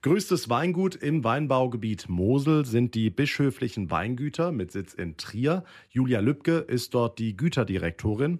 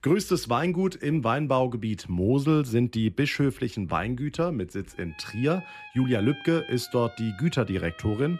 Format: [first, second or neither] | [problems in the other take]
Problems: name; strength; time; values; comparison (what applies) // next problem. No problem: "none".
first | background music; noticeable; throughout; 20 dB below the speech